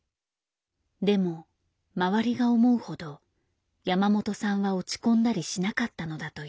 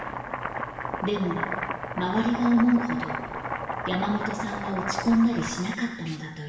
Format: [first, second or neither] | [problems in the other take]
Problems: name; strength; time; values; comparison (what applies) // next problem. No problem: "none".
first | background sound (Domestic sounds, home sounds); 5 dB below the speech // room echo; dies away in 1 s